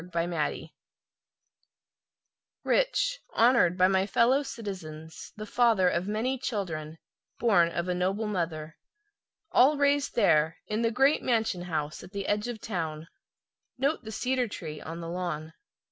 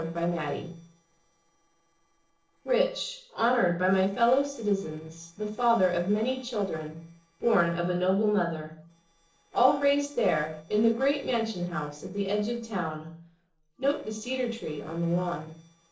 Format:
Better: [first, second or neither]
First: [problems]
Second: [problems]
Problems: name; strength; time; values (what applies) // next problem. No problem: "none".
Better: first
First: none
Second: noise reduction (neural separator model SepFormer DNS4)